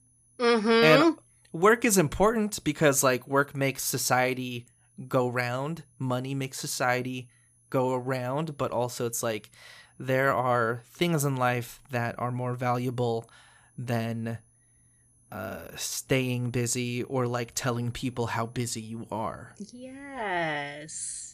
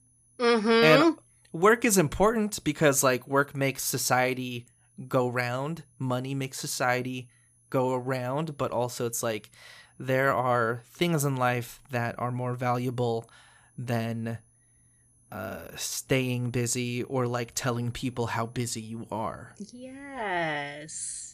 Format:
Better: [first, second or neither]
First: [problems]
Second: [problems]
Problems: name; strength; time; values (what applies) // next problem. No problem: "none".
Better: neither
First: high-pitched whine; faint; throughout; 10.5 kHz, 35 dB below the speech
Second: high-pitched whine; faint; throughout; 10.5 kHz, 35 dB below the speech